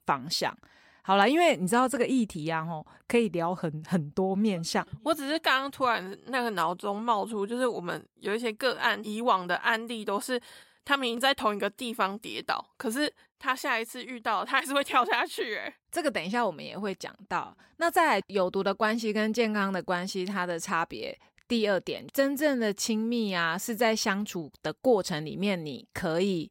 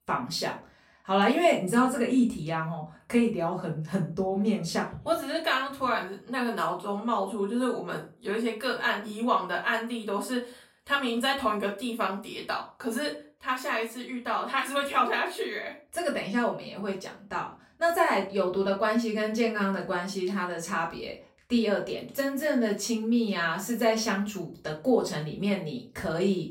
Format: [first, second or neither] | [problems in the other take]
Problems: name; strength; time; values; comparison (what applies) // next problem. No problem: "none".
first | off-mic speech; far // room echo; slight; dies away in 0.3 s